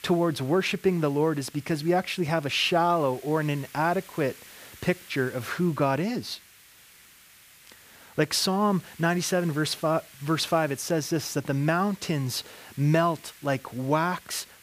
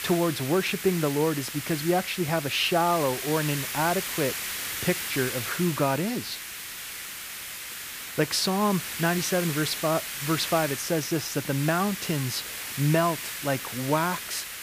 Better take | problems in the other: first | hiss; loud; throughout; 5 dB below the speech; faint in the first

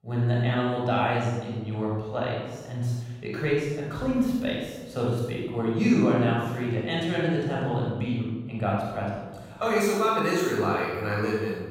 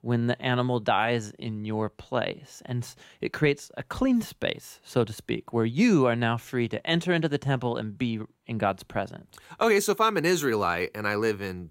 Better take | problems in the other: second | room echo; strong; dies away in 1.3 s // off-mic speech; far

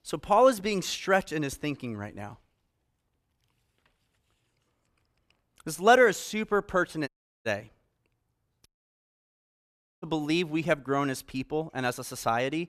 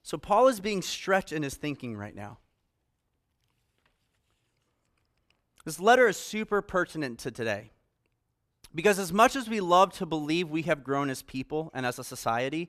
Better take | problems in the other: second | audio cutting out; at 7 s and at 8.5 s for 1.5 s

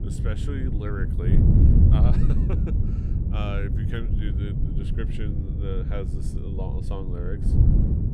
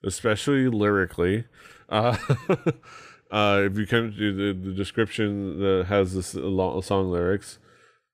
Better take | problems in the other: second | wind noise on the microphone; heavy; 2 dB above the speech

